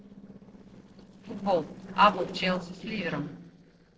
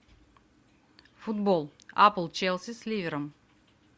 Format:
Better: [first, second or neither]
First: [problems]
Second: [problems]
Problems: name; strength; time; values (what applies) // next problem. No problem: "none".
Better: second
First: noise reduction (neural separator model SepFormer DNS4)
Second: none